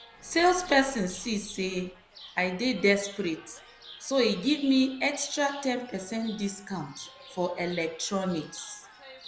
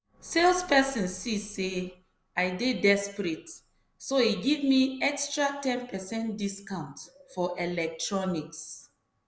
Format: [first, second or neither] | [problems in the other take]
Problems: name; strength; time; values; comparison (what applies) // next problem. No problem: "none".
second | background sound (Chirp, tweet); 20 dB below the speech